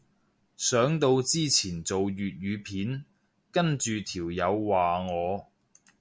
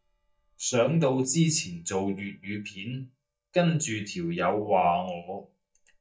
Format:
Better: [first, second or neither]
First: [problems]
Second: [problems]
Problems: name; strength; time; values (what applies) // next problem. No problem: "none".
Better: first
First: none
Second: noise reduction (neural mask model DeepFilterNet 3)